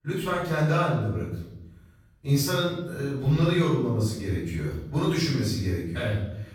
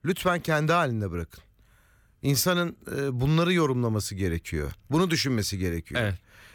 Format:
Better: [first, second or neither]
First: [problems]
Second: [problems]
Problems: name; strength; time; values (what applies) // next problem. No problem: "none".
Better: second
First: off-mic speech; far // room echo; strong; dies away in 0.8 s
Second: none